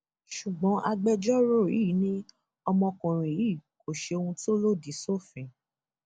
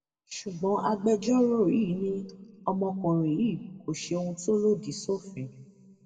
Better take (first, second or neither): first